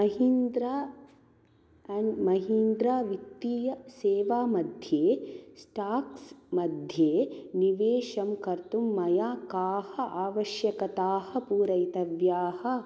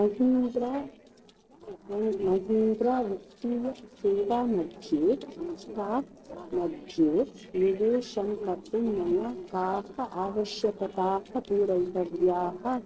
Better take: first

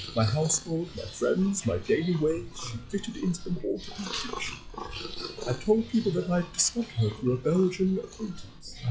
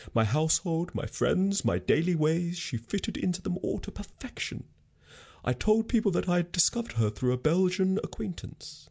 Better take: second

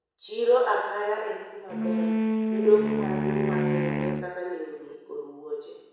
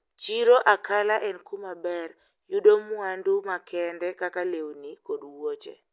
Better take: second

